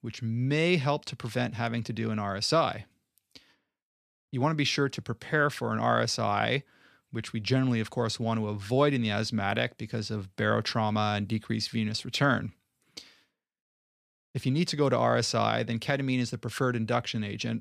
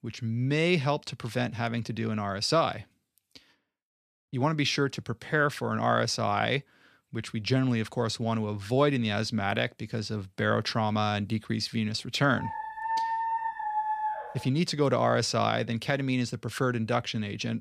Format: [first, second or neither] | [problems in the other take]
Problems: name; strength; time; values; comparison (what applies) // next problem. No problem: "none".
first | dog barking; noticeable; from 12 to 14 s; peak 1 dB below the speech